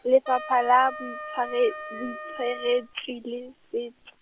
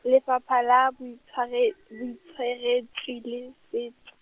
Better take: second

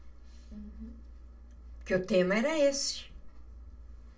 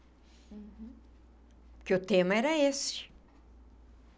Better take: second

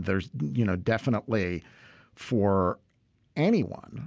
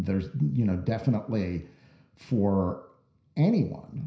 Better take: first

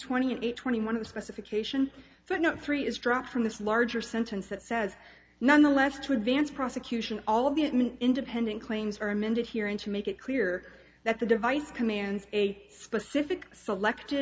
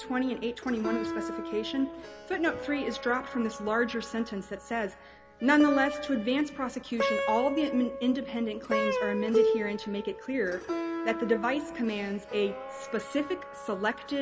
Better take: first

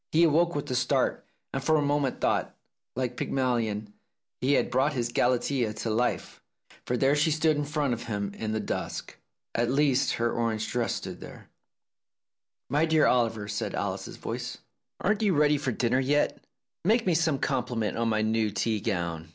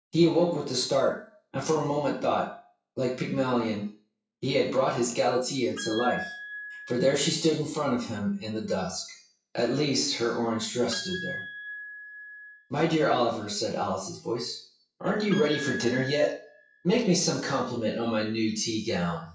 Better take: first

